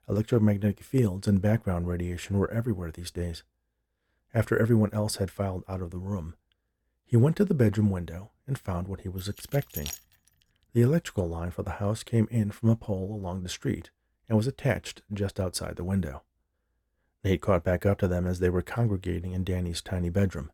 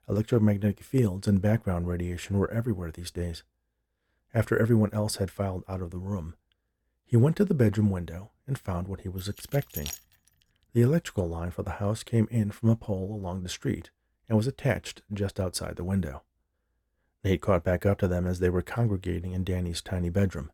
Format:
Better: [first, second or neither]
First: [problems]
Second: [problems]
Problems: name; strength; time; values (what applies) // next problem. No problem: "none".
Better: neither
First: jangling keys; noticeable; at 9 s; peak 8 dB below the speech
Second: jangling keys; noticeable; at 9 s; peak 8 dB below the speech